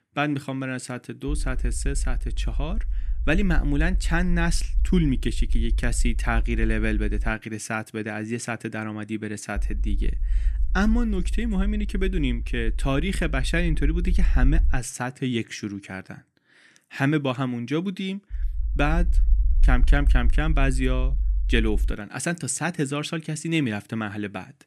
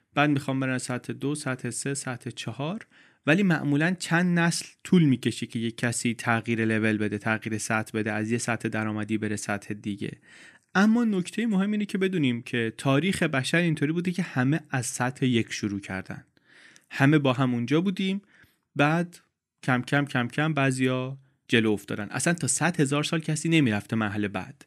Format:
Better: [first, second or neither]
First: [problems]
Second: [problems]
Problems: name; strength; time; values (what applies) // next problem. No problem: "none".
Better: second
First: low rumble; faint; from 1.5 to 7.5 s, from 9.5 to 15 s and from 18 to 22 s; 20 dB below the speech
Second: none